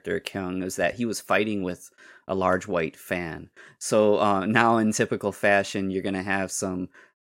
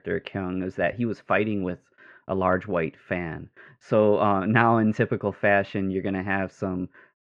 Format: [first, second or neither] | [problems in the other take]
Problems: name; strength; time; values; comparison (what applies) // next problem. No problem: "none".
first | muffled; very; fading above 2.5 kHz